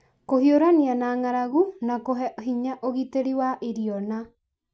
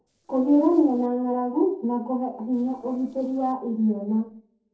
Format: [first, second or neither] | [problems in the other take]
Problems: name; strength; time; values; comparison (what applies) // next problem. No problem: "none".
first | noise reduction (neural separator model SepFormer DNS4)